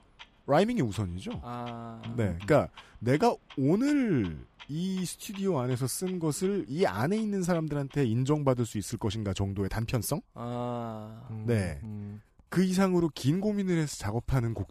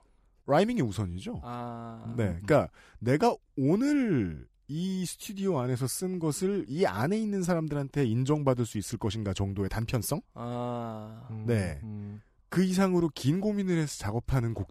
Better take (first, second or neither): second